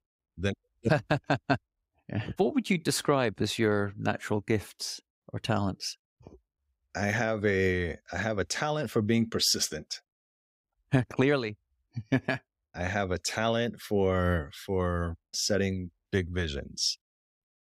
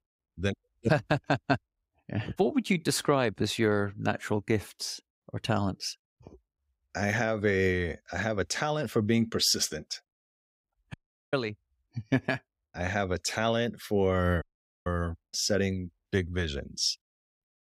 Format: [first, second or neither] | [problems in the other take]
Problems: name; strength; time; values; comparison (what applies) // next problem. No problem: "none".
first | audio cutting out; at 11 s and at 14 s